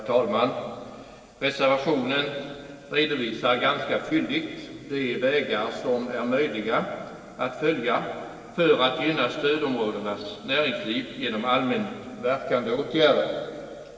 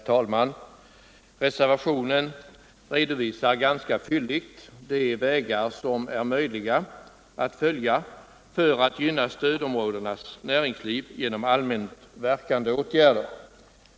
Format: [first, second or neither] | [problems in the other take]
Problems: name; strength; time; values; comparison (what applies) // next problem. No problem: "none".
second | room echo; dies away in 2.4 s